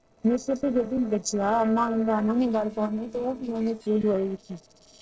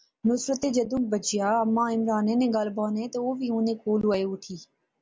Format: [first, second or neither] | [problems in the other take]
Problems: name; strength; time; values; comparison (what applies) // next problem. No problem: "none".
second | noise reduction (neural separator model SepFormer DNS4)